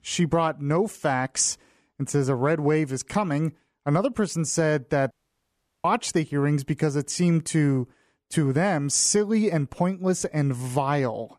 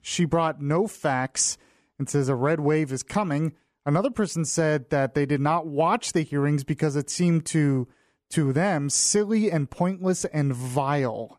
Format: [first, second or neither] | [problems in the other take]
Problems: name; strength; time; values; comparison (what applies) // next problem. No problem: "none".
second | audio cutting out; at 5 s for 0.5 s